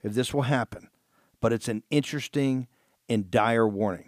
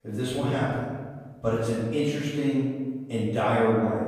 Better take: first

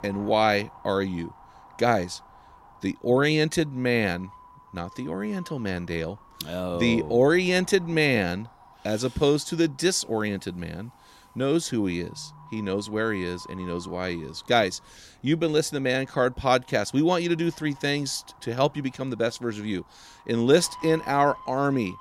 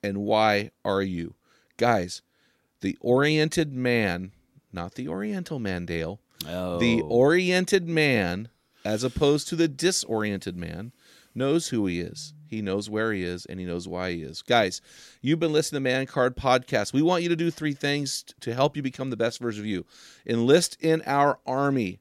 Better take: second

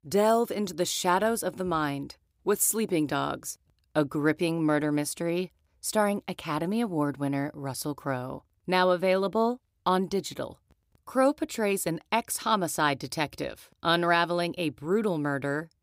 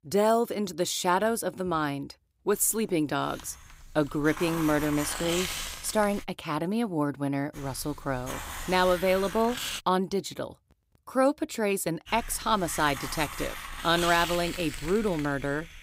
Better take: first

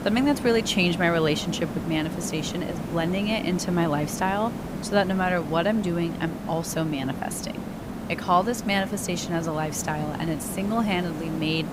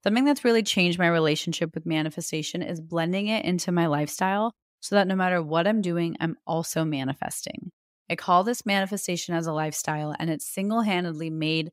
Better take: second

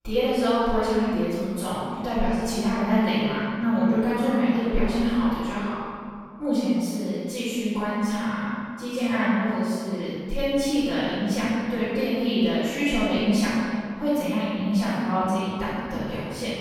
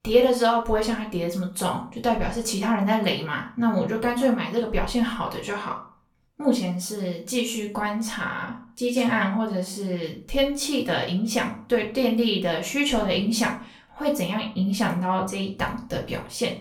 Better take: second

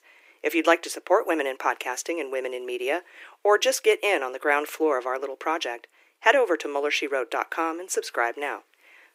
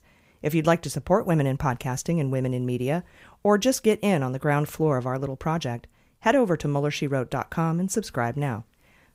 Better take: second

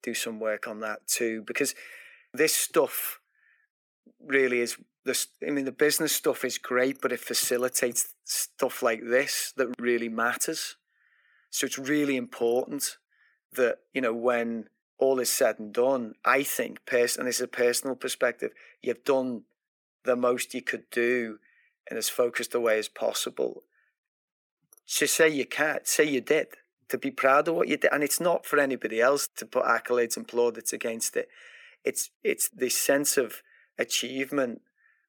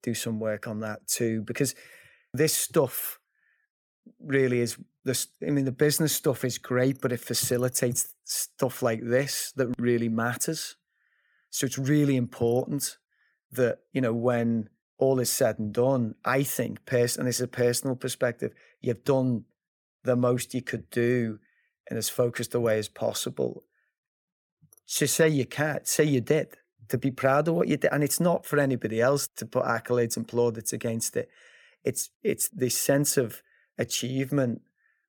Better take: second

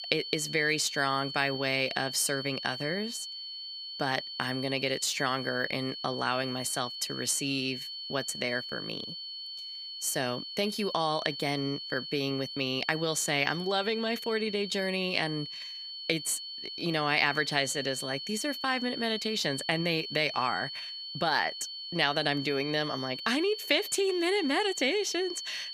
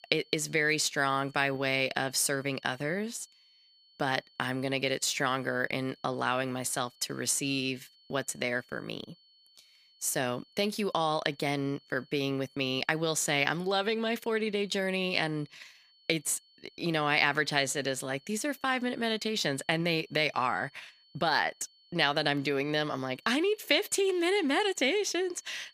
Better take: second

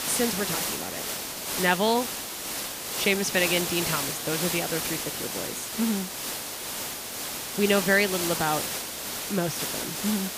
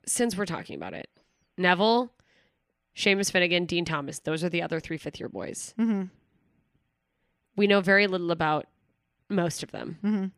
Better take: second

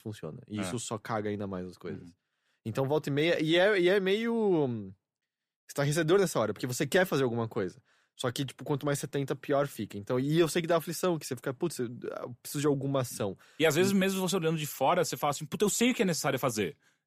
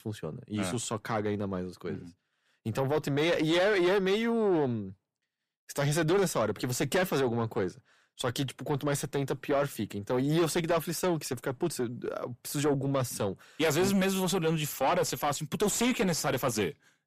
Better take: first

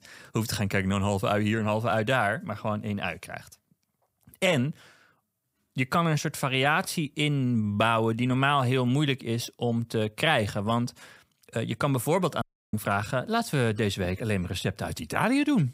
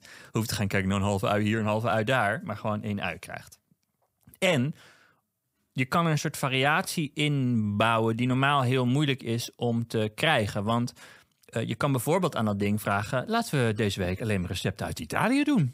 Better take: second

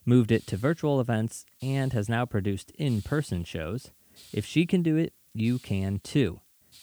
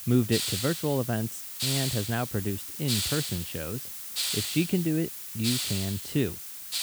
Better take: first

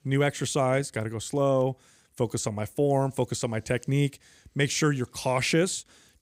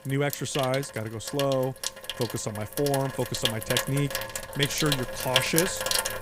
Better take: first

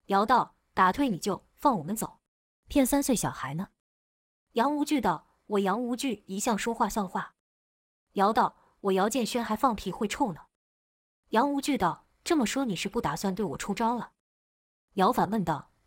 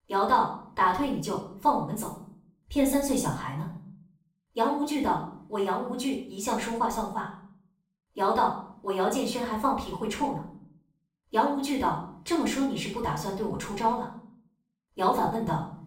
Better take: first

